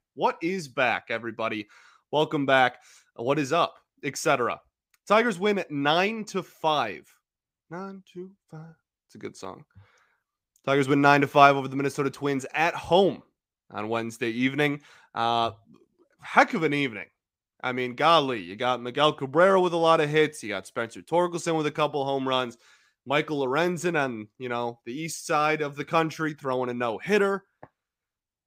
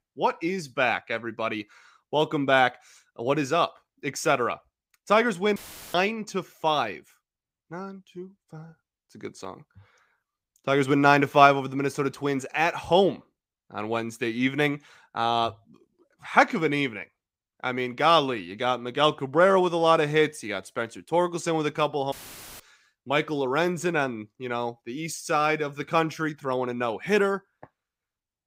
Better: first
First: none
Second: audio cutting out; filled with static; at 5.5 s and at 22 s

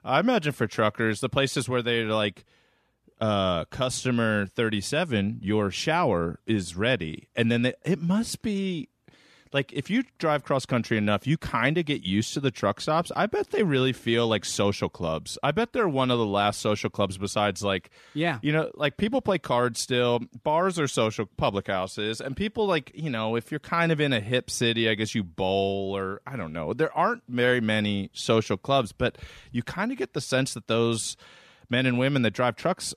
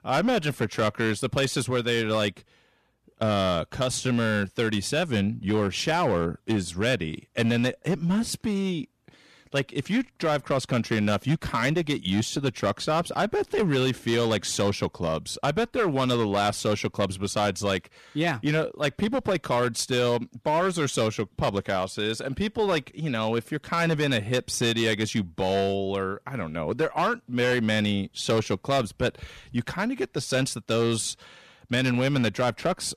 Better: first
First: none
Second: distortion; slight; 9% of the sound clipped

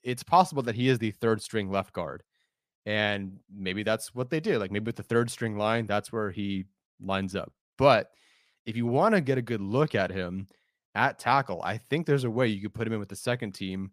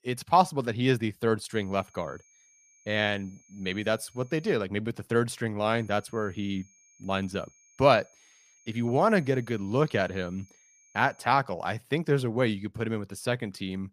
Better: first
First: none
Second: high-pitched whine; faint; from 1.5 to 4.5 s and from 6 to 11 s; 6.5 kHz, 30 dB below the speech

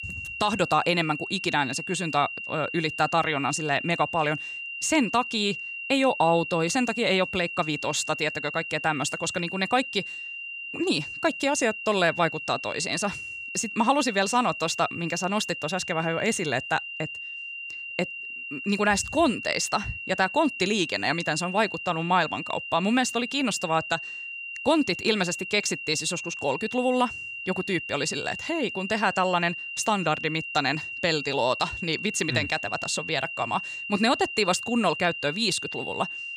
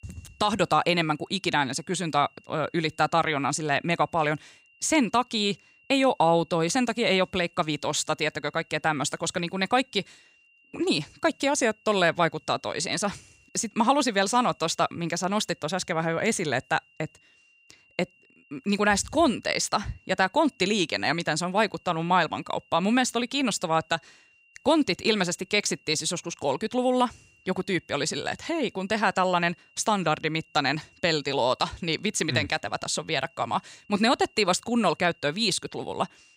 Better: second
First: high-pitched whine; loud; throughout; 3 kHz, 7 dB below the speech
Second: high-pitched whine; faint; throughout; 3 kHz, 30 dB below the speech

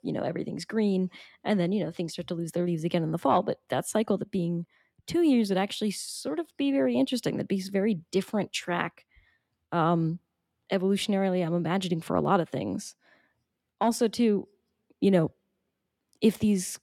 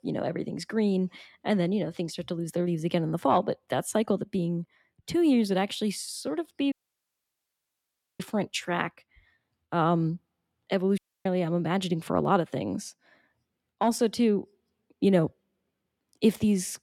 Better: first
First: none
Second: audio cutting out; at 6.5 s for 1.5 s and at 11 s

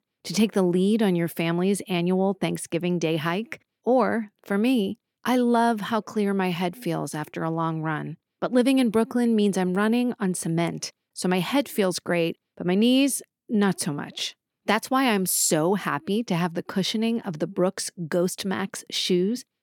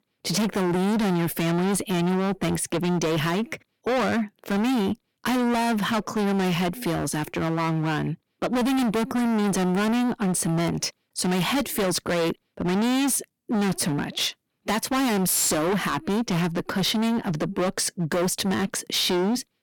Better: first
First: none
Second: distortion; heavy; 34% of the sound clipped

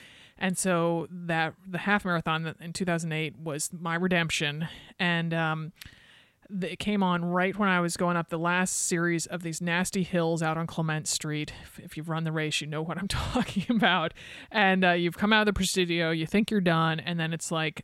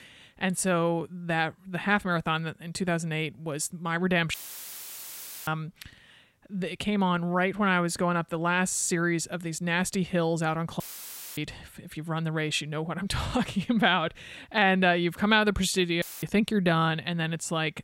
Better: first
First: none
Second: audio cutting out; filled with static; at 4.5 s for 1 s, at 11 s for 0.5 s and at 16 s

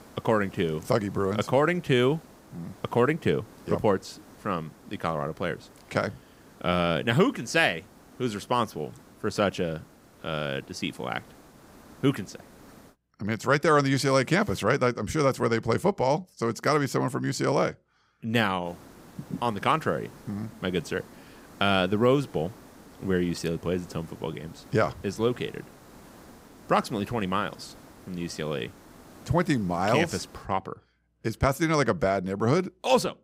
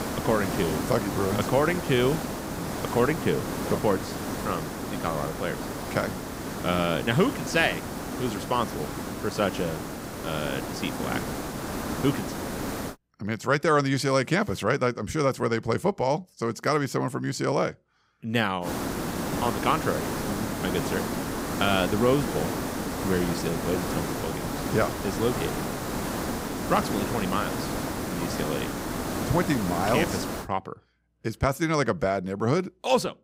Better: first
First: hiss; faint; until 13 s and from 19 to 30 s; 25 dB below the speech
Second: hiss; loud; until 13 s and from 19 to 30 s; 4 dB below the speech

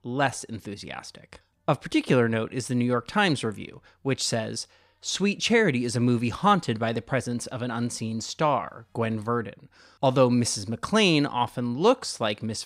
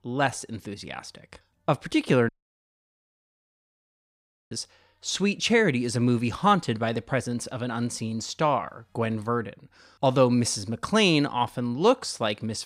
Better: first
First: none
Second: audio cutting out; at 2.5 s for 2 s

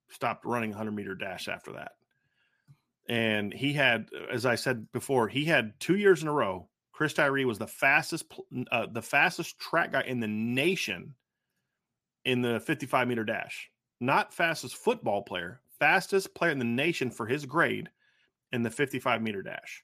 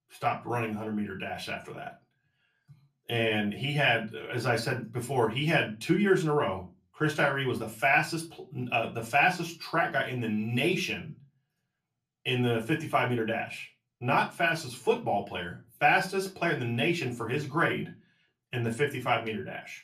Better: first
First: none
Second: off-mic speech; far // room echo; very slight; dies away in 0.3 s

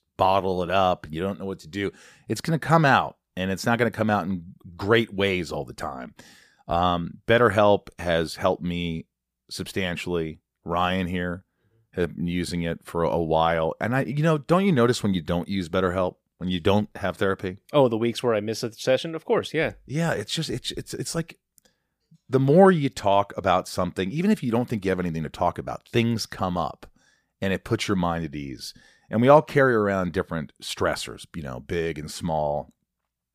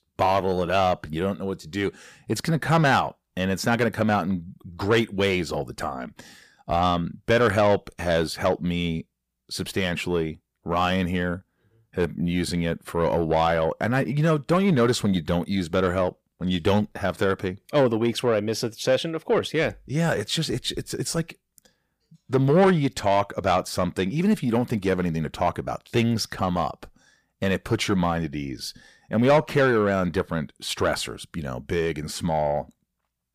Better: first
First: none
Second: distortion; slight; 10 dB below the speech

